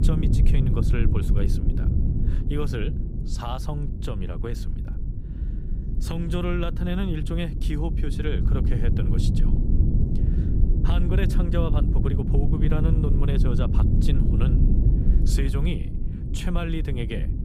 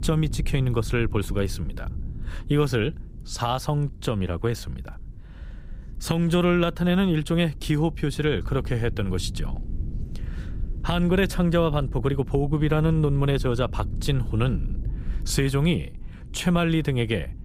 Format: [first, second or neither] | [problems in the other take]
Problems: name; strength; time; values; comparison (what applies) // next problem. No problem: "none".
second | low rumble; loud; throughout; 3 dB below the speech; faint in the second